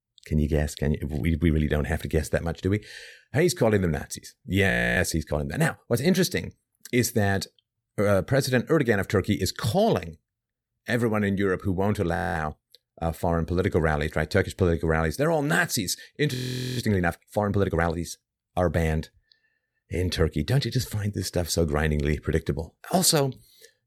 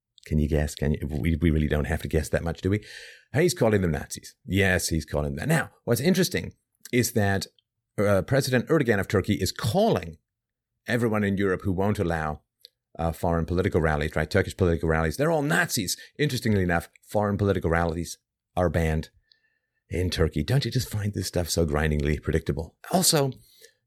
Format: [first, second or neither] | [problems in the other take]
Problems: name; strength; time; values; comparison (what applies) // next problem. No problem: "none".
second | audio freezing; at 4.5 s, at 12 s and at 16 s